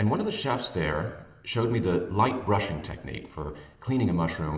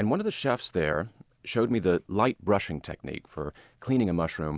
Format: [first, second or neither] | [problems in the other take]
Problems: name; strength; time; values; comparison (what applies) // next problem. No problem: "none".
second | room echo; dies away in 0.9 s